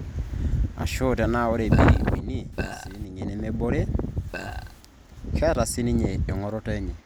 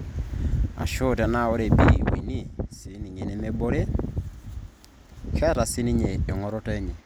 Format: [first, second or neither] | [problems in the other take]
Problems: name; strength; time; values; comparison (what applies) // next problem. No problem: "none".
second | background sound (Burping, eructation); 12 dB below the speech